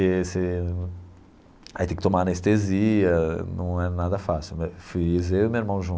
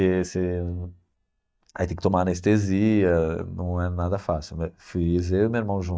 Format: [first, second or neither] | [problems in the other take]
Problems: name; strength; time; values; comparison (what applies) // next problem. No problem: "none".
first | noise reduction (neural mask model DeepFilterNet 3)